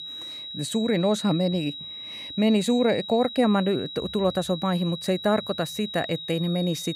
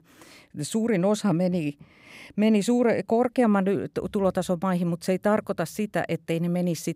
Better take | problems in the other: second | high-pitched whine; loud; throughout; 4 kHz, 10 dB below the speech

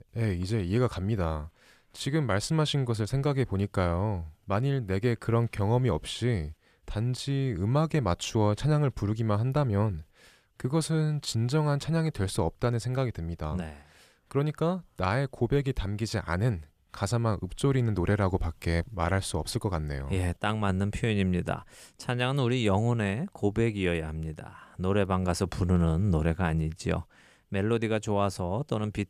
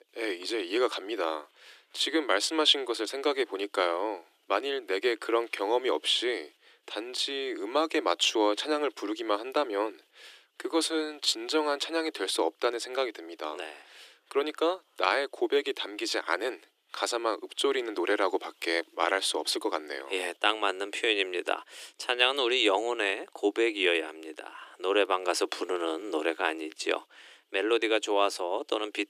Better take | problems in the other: first | thin; very; fading below 300 Hz

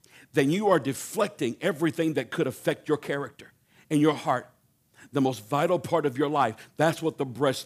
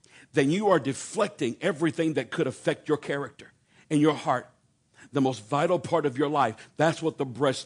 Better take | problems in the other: first | garbled, watery; slightly

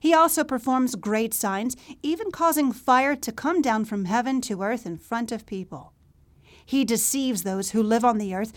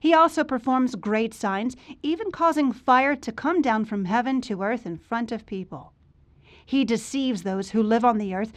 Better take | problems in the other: first | muffled; slightly; fading above 3 kHz

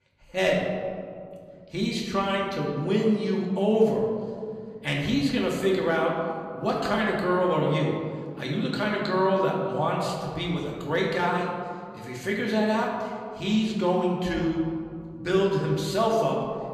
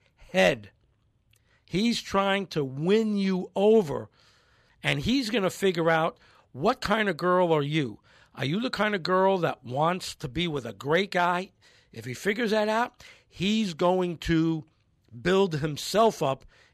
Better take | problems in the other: second | room echo; noticeable; dies away in 2 s // off-mic speech; far

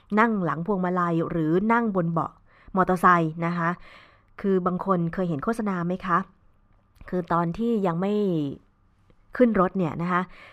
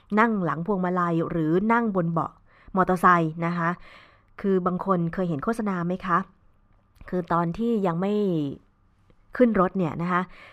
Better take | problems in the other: neither | muffled; very; fading above 3 kHz; the same in both

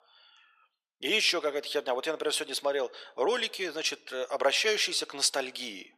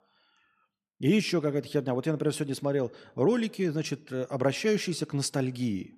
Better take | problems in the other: second | thin; very; fading below 550 Hz

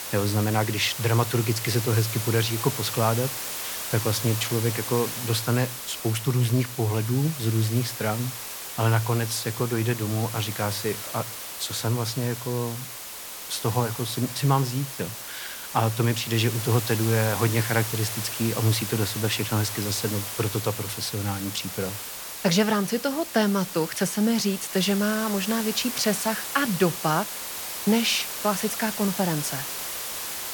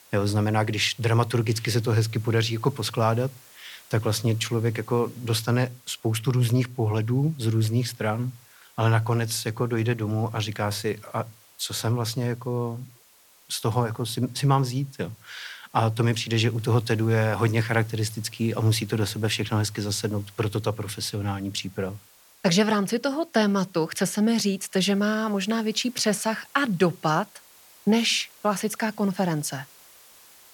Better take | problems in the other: second | hiss; loud; throughout; 6 dB below the speech; faint in the second

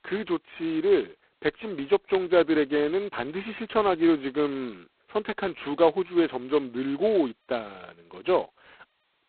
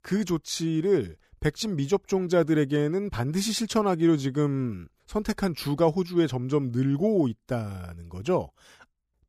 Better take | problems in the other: second | phone-call audio; poor line; nothing above 4 kHz

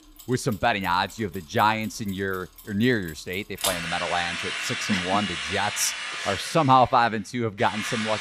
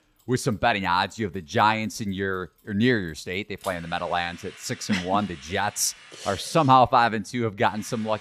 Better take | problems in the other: second | machinery noise; loud; throughout; 4 dB below the speech; faint in the second

